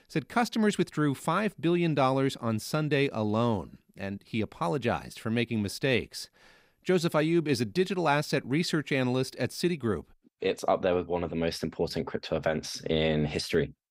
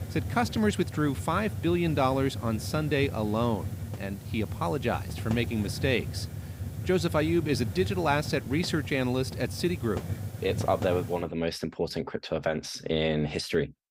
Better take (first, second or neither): first